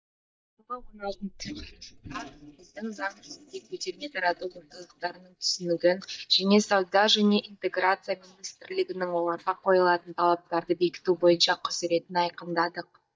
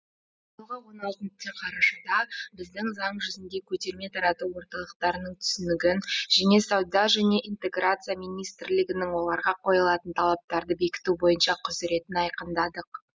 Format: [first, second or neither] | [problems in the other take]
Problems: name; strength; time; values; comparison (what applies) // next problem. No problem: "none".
second | noise reduction (neural mask model DeepFilterNet 3)